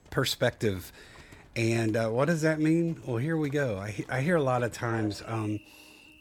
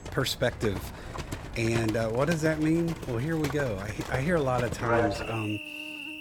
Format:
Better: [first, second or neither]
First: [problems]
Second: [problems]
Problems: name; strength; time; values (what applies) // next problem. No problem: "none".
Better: first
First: animal sounds; faint; throughout; 25 dB below the speech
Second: animal sounds; loud; throughout; 6 dB below the speech